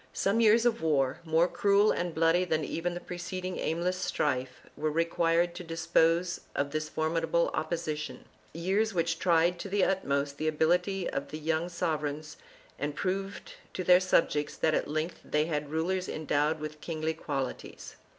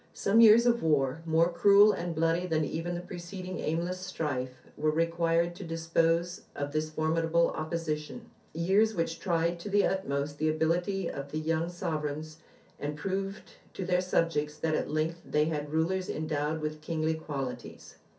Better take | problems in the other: first | room echo; dies away in 0.3 s

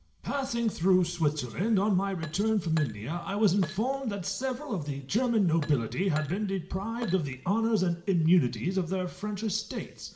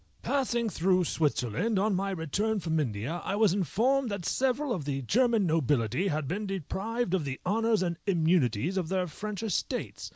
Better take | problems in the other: second | background sound (Glass); 19 dB below the speech // room echo; dies away in 1.5 s

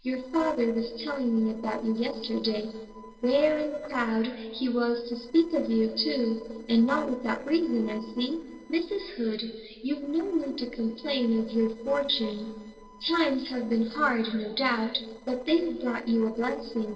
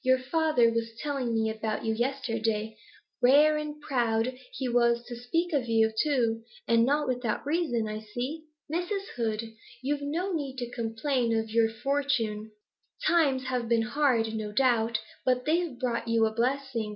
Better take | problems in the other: second | noise reduction (neural separator model SepFormer DNS4)

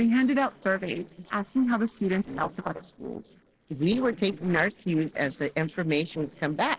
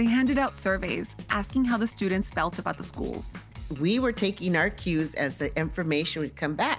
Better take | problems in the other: second | noise reduction (neural separator model SepFormer DNS4)

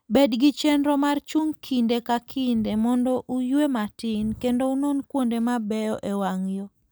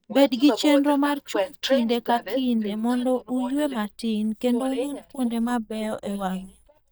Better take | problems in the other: first | noise reduction (neural mask model DeepFilterNet 3)

